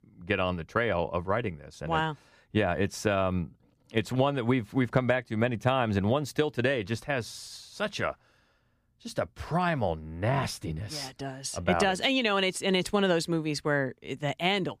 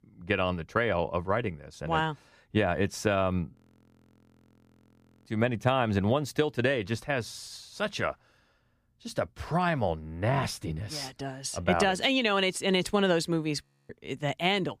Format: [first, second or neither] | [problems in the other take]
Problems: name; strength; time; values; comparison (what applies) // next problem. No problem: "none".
first | audio freezing; at 3.5 s for 1.5 s and at 14 s